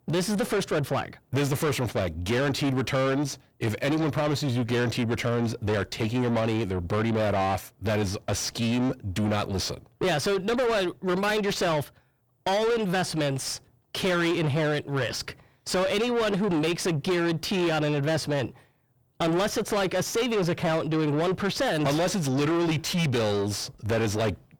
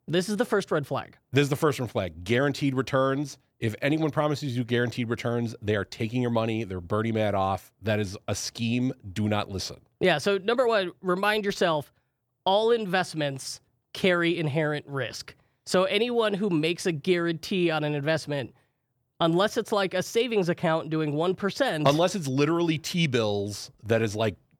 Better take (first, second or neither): second